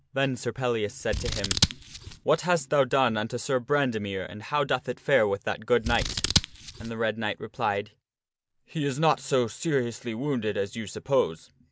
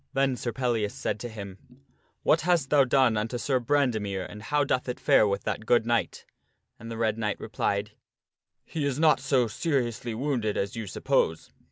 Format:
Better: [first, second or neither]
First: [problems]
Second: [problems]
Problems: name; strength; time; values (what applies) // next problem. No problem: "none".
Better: second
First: background sound (Scissors); 2 dB below the speech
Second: none